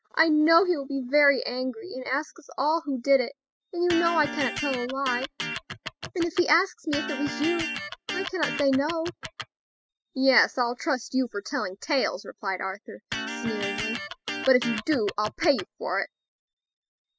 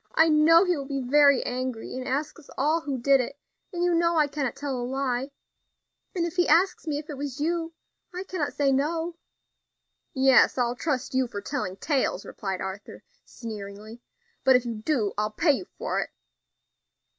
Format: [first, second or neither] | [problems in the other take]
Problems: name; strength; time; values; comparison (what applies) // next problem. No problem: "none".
second | noise reduction (classical method spectral subtraction)